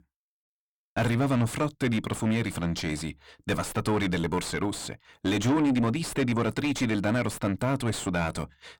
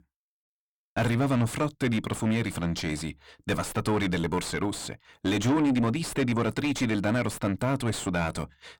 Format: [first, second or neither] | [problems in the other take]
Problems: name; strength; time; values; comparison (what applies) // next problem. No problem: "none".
neither | distortion; heavy; 6 dB below the speech; the same in both